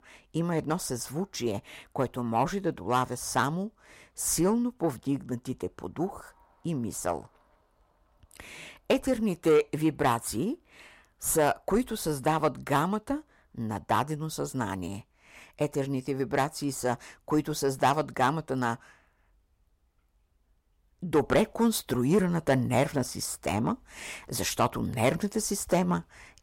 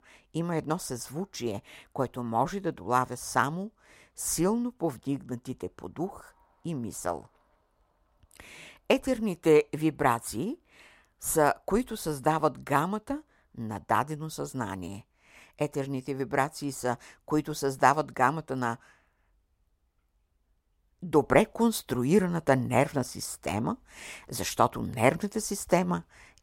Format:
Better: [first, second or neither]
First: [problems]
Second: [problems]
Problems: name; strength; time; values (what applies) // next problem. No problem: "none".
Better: second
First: distortion; slight; 10 dB below the speech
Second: none